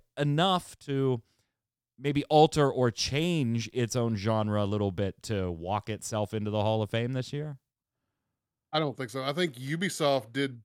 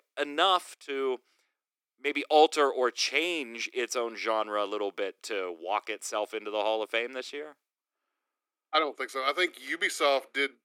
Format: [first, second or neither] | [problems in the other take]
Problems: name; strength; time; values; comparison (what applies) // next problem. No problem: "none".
first | thin; very; fading below 300 Hz